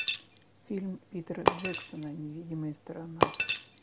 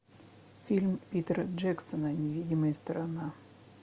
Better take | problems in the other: second | background sound (Shatter); 5 dB above the speech

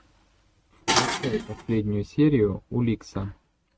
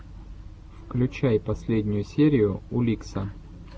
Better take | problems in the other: second | noise reduction (neural mask model RNNoise)

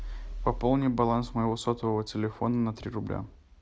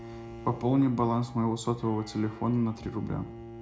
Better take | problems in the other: first | background sound (Bowed string instrument); 16 dB below the speech // room echo; dies away in 0.3 s

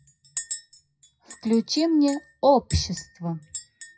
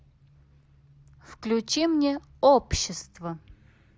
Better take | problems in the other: second | noise reduction (classical method WPE with log-MMSE)

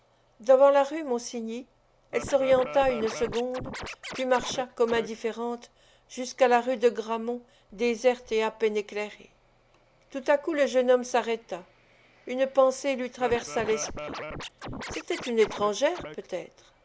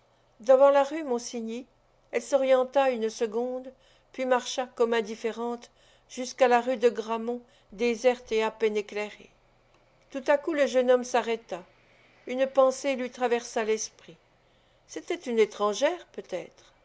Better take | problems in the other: second | background sound (Scratching (performance technique)); 11 dB below the speech

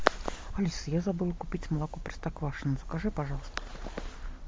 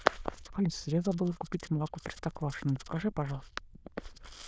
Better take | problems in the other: first | noise reduction (neural diffusion model UNIVERSE++)

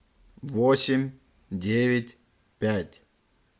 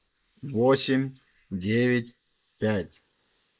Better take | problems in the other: first | noise reduction (neural mask model Resemble Enhance denoiser)

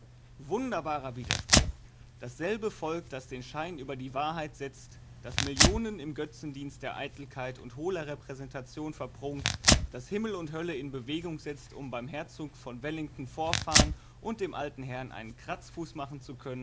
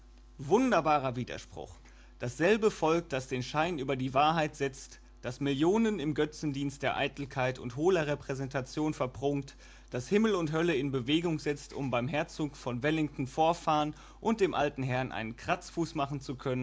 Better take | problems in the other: second | background sound (Tearing); 3 dB above the speech

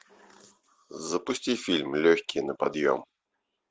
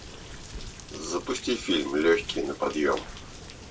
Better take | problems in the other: first | background sound (Rain); 13 dB below the speech // room echo; dies away in 0.2 s

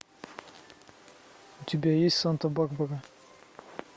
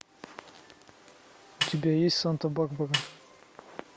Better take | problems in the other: first | background sound (Snare drum); 5 dB below the speech

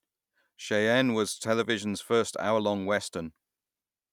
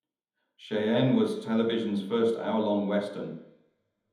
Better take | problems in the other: first | room echo; dies away in 1 s

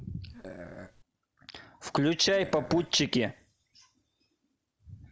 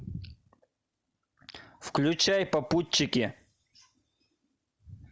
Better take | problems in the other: second | background sound (Burping, eructation); 13 dB below the speech

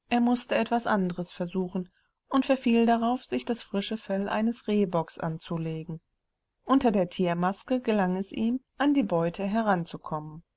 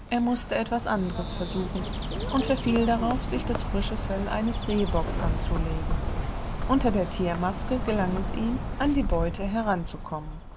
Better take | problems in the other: first | background sound (Bird); 2 dB below the speech

